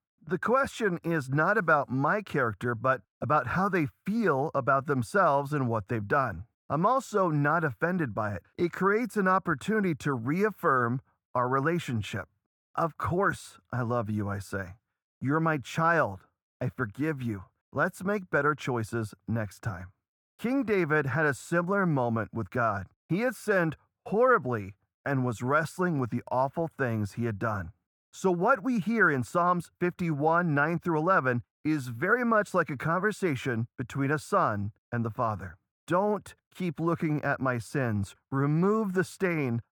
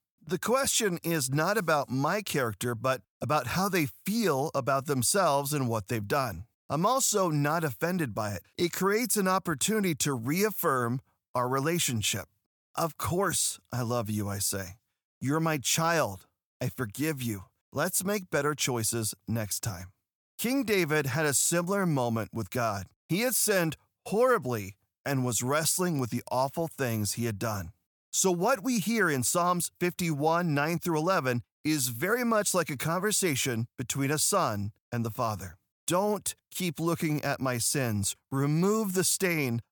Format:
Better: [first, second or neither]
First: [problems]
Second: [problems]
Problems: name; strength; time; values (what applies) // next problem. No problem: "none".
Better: second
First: muffled; very; fading above 3 kHz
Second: none